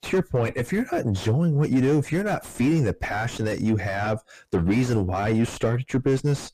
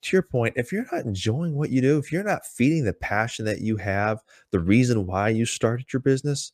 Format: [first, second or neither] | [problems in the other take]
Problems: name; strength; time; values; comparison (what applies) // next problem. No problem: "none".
second | distortion; heavy; 4 dB below the speech